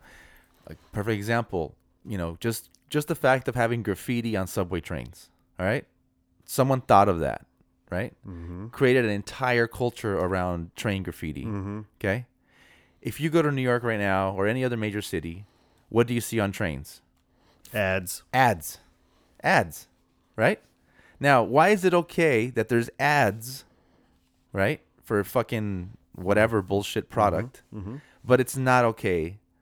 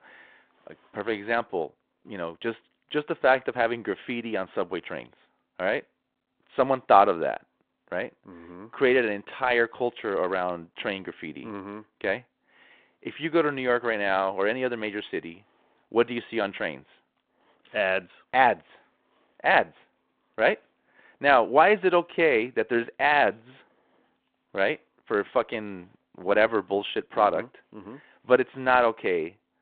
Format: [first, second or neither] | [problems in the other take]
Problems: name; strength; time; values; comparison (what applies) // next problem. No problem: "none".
first | phone-call audio; nothing above 3.5 kHz